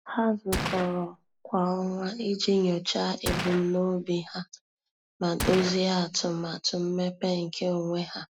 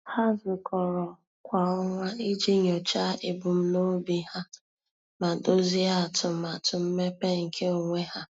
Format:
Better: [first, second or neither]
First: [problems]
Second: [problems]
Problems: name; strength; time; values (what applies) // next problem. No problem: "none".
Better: second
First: background sound (Gunshot, gunfire); 7 dB below the speech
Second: none